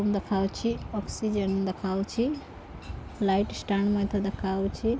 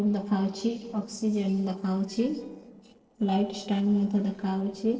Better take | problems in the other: first | noise reduction (neural separator model SepFormer DNS4)

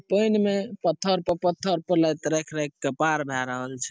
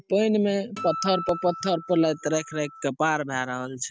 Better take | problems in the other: first | background sound (Acoustic guitar); 11 dB below the speech

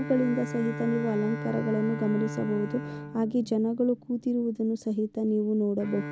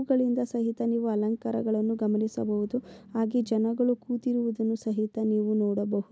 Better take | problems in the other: second | background sound (Bowed string instrument); 10 dB below the speech

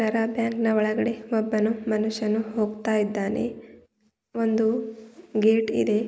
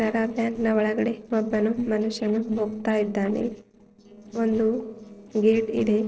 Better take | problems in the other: first | noise reduction (neural separator model SepFormer DNS4)

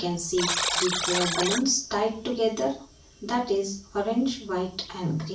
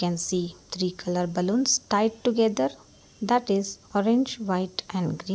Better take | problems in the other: second | background sound (Alarm); 3 dB below the speech // room echo; dies away in 0.3 s

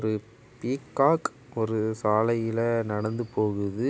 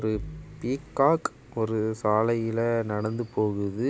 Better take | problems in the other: first | background sound (Bowed string instrument); 18 dB below the speech

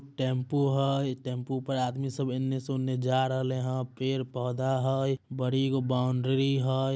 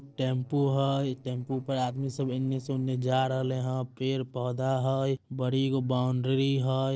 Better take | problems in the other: first | noise reduction (neural separator model SepFormer DNS4)

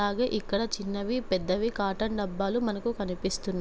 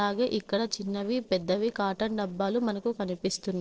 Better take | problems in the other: first | noise reduction (neural separator model SepFormer DNS4)

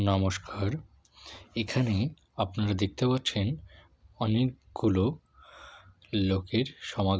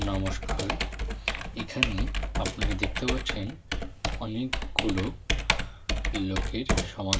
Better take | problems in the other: first | background sound (Computer keyboard); 4 dB above the speech // room echo; dies away in 0.1 s

